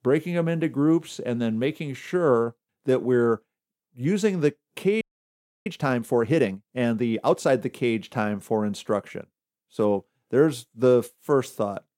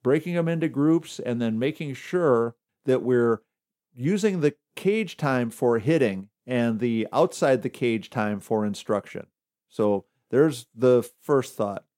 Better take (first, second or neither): second